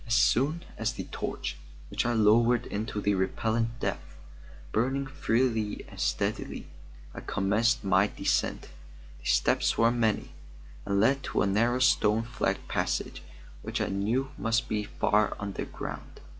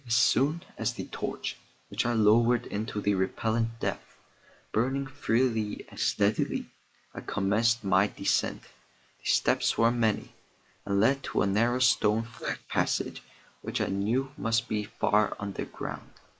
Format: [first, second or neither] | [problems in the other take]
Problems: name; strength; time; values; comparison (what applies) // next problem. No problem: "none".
first | noise reduction (neural mask model Resemble Enhance denoiser)